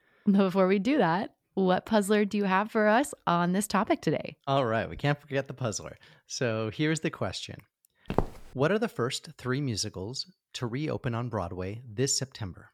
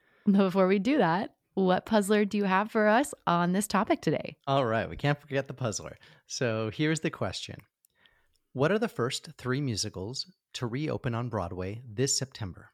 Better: second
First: footsteps; noticeable; at 8 s; peak 4 dB below the speech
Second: none

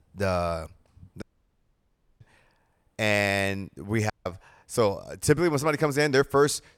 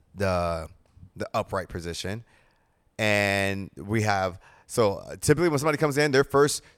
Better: second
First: audio cutting out; at 1 s for 1 s and at 4 s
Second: none

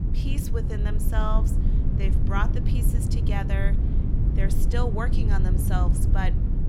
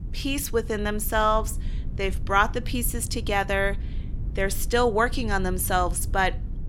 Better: second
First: low rumble; loud; throughout; 4 dB below the speech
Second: low rumble; faint; throughout; 25 dB below the speech

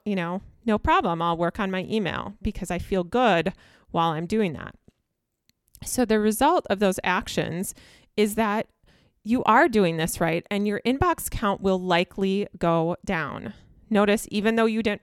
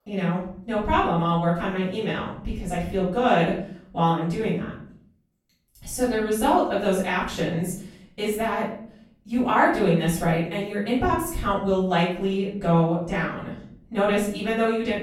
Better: first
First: none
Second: off-mic speech; far // room echo; noticeable; dies away in 0.5 s

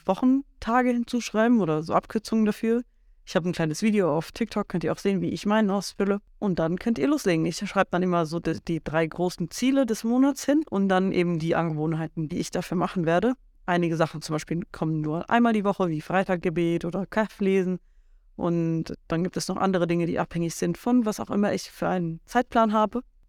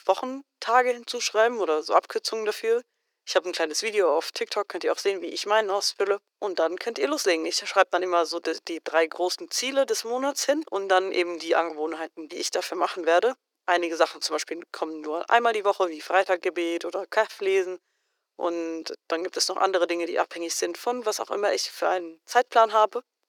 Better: first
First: none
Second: thin; very; fading below 350 Hz

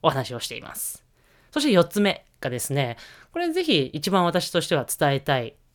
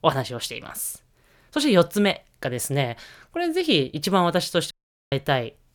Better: first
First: none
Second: audio cutting out; at 4.5 s

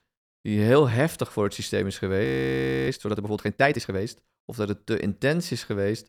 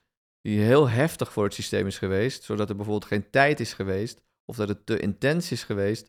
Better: second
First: audio freezing; at 2 s for 0.5 s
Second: none

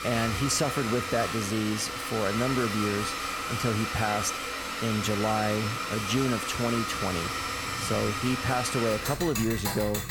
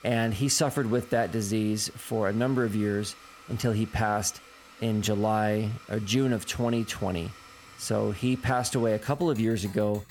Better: second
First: household noises; loud; throughout; 2 dB below the speech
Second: household noises; faint; throughout; 20 dB below the speech

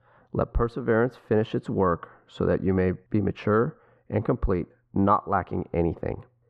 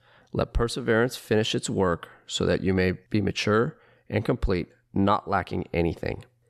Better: second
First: muffled; very; fading above 3 kHz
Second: none

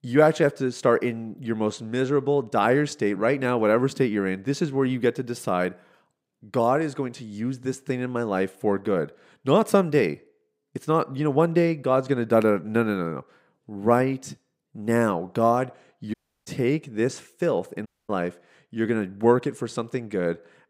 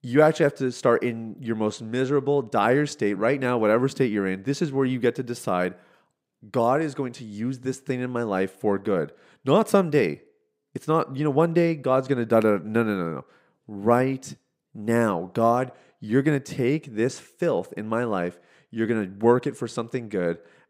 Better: second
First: audio cutting out; at 16 s and at 18 s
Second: none

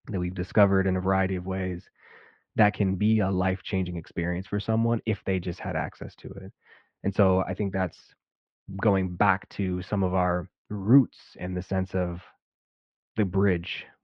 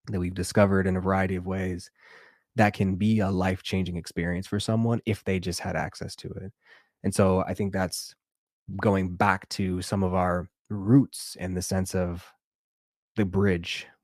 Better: second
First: muffled; very; fading above 3.5 kHz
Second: none

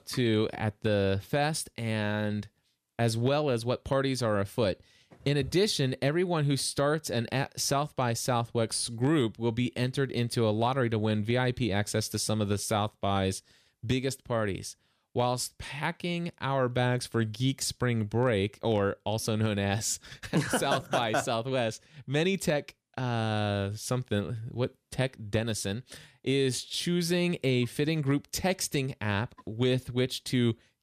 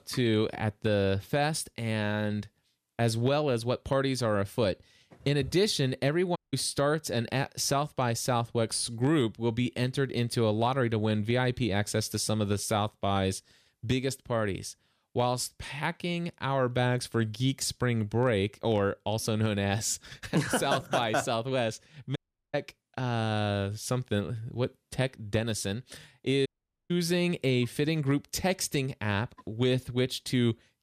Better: first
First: none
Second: audio cutting out; at 6.5 s, at 22 s and at 26 s

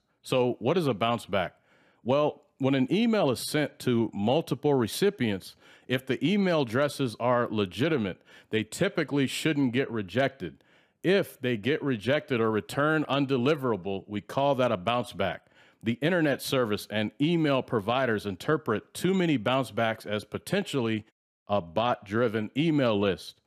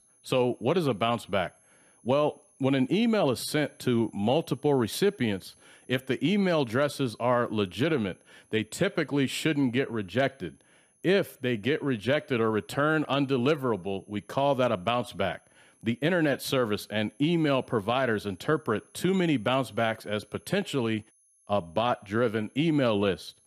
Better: first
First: none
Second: high-pitched whine; faint; throughout; 10.5 kHz, 35 dB below the speech

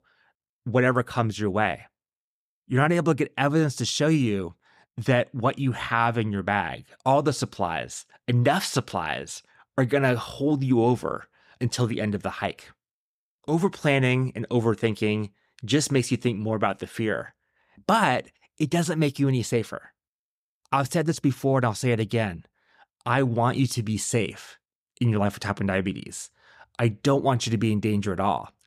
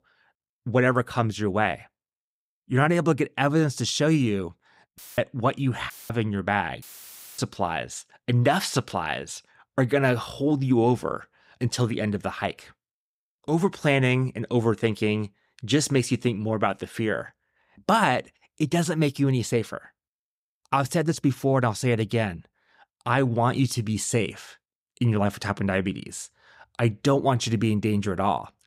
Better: first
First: none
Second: audio cutting out; filled with static; at 5 s, at 6 s and at 7 s for 0.5 s

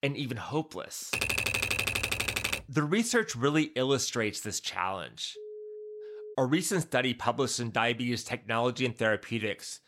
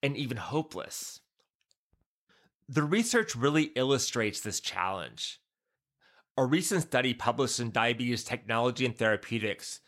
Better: second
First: keyboard typing; loud; from 1 to 2.5 s; peak 2 dB above the speech // phone ringing; faint; from 5.5 to 6.5 s; peak 15 dB below the speech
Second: none

